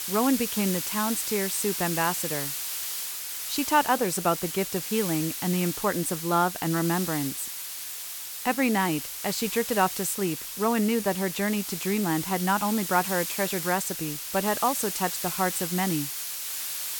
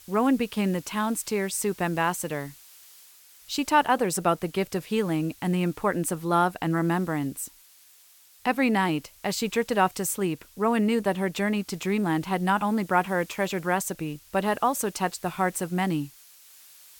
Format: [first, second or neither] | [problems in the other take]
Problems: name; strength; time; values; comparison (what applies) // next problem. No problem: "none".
second | hiss; loud; throughout; 4 dB below the speech; faint in the second